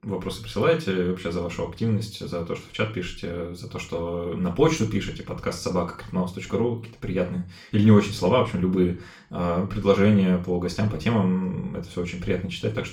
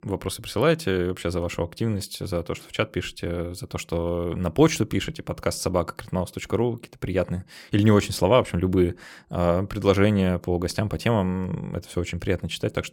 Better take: second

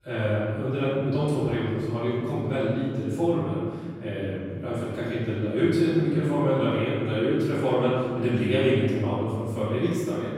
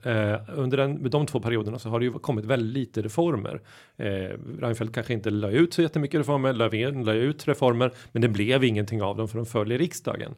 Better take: second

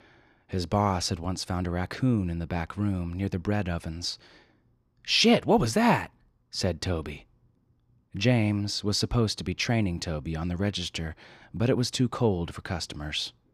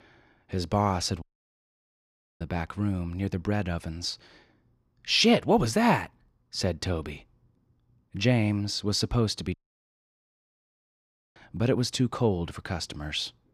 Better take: first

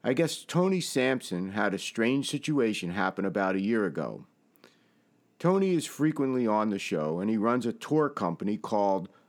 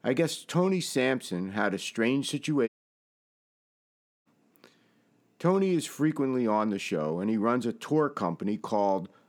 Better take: first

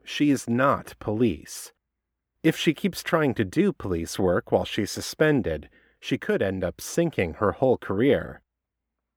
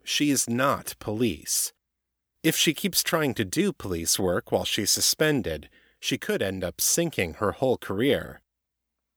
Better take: second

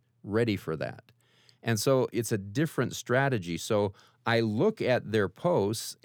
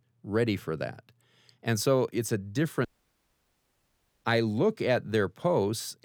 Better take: first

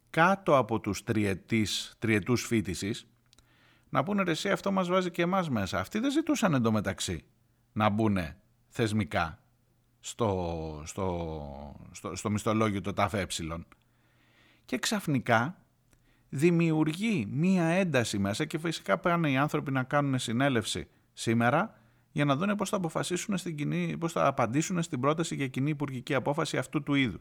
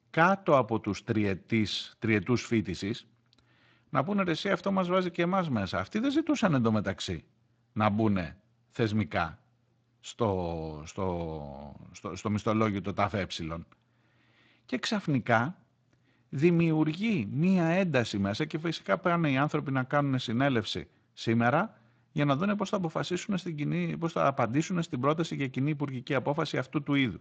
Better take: first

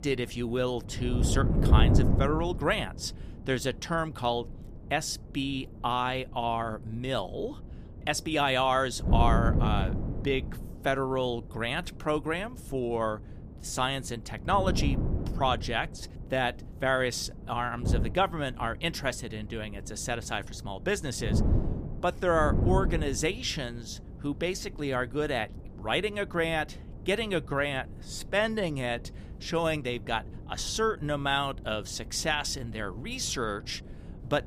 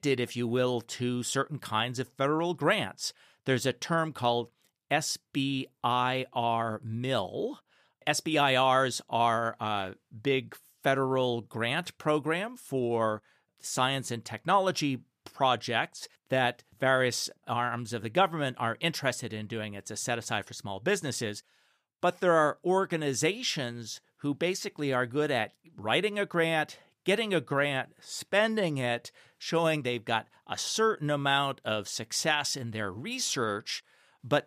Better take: second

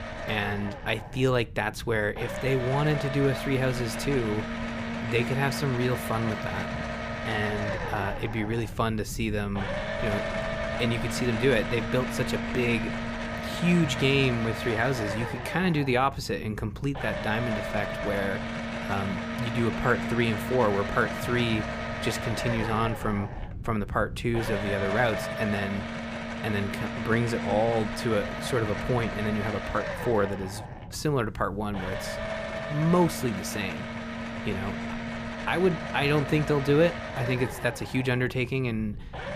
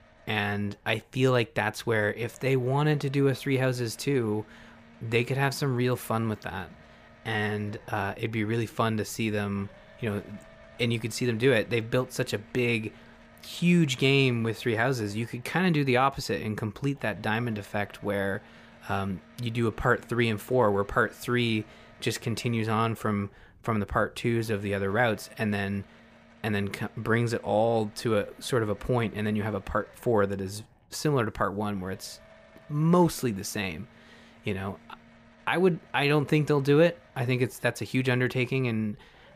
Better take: second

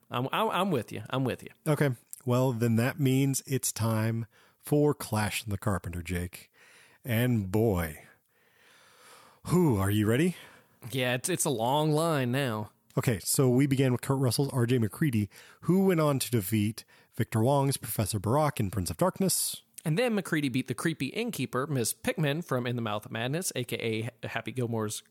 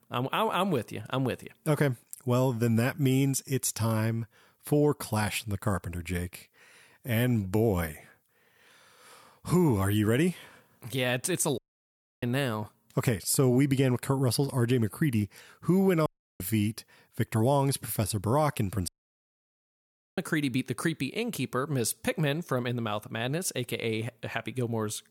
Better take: first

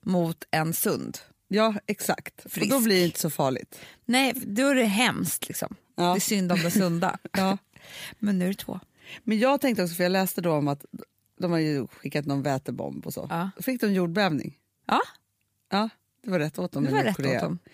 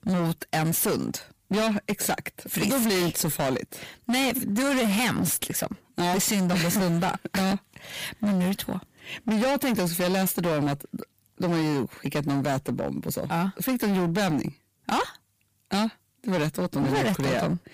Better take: first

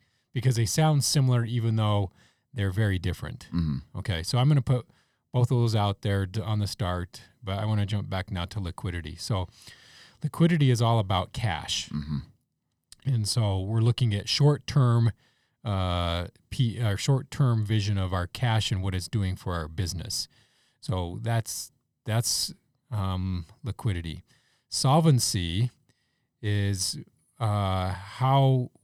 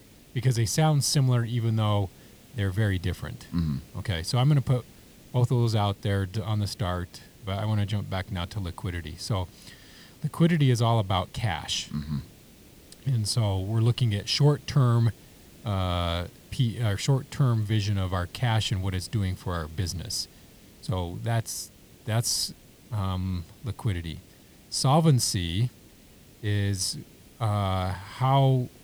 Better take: first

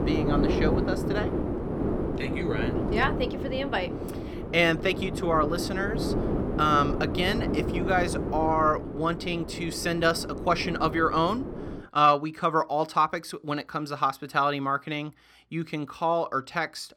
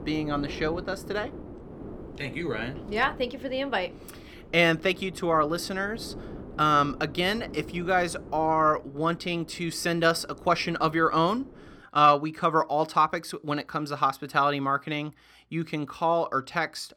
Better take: second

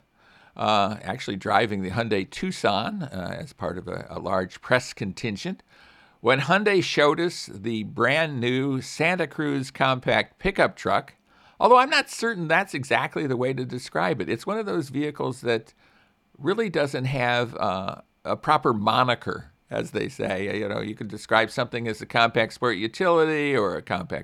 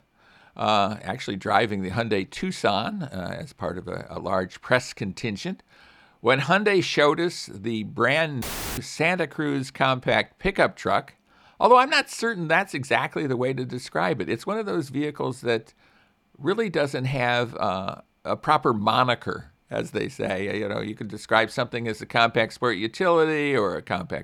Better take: first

